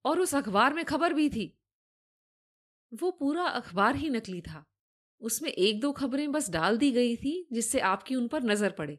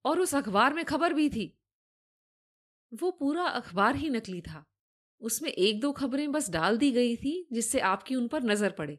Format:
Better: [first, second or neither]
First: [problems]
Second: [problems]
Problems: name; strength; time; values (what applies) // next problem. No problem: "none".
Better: neither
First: none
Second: none